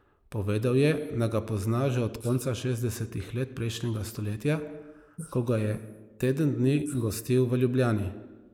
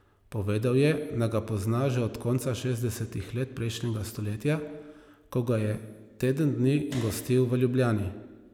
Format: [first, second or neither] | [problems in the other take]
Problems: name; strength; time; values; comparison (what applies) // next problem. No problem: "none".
second | noise reduction (neural mask model Resemble Enhance denoiser)